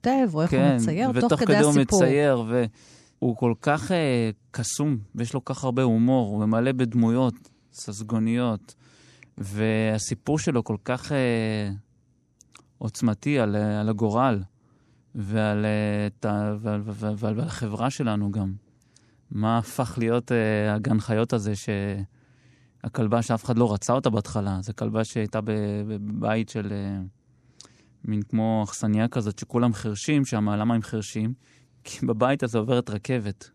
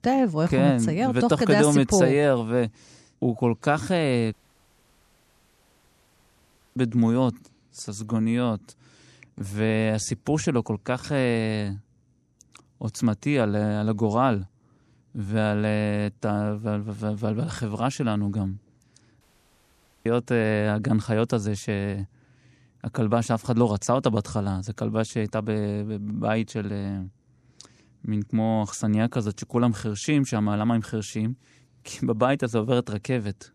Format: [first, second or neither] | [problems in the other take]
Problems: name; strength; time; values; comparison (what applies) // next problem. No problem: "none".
first | audio cutting out; at 4.5 s for 2.5 s and at 19 s for 1 s